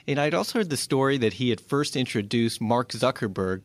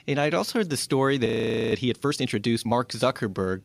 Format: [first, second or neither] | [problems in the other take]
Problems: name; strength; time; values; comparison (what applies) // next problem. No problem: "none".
first | audio freezing; at 1.5 s